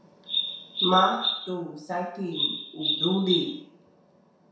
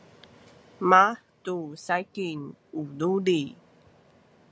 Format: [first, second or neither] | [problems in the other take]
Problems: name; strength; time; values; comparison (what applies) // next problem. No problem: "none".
second | background sound (Bird vocalization, bird call, bird song); 1 dB below the speech // room echo; dies away in 0.7 s